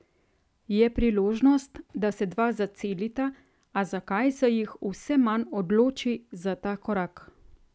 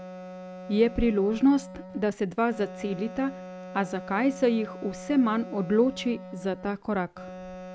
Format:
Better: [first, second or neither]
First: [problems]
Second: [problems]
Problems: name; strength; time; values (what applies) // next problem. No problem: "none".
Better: first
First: none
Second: background sound (Wind instrument, woodwind instrument); 14 dB below the speech